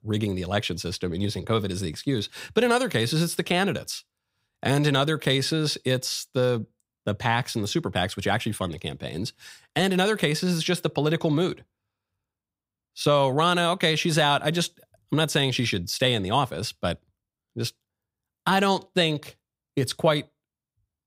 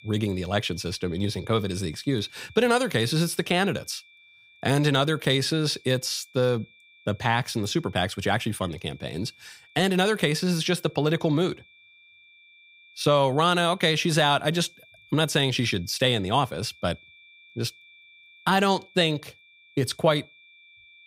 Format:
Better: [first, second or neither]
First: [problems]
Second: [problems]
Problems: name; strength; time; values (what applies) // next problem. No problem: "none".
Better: first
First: none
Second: high-pitched whine; faint; throughout; 2.5 kHz, 25 dB below the speech